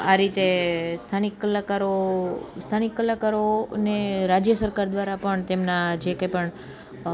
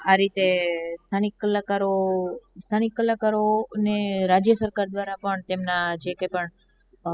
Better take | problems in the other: first | noise reduction (classical method spectral subtraction)

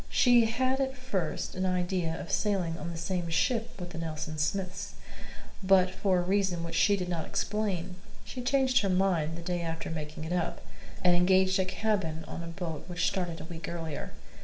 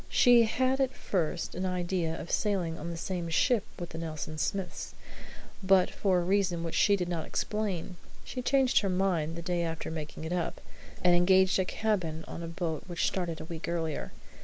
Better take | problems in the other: second | room echo; dies away in 1.2 s

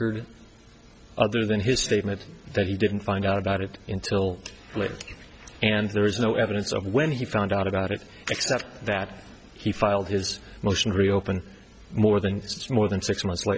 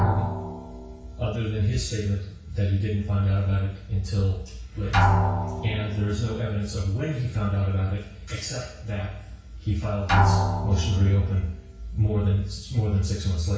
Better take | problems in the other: first | background sound (Drum); 4 dB below the speech // room echo; dies away in 0.6 s

